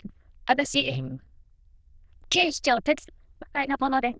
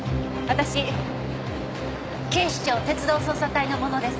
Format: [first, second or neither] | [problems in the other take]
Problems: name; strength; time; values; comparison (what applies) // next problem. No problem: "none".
second | noise reduction (neural diffusion model UNIVERSE++)